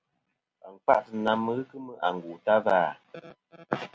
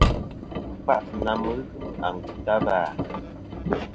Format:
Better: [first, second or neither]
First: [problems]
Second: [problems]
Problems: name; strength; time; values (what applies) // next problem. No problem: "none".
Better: first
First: none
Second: background sound (Engine); as loud as the speech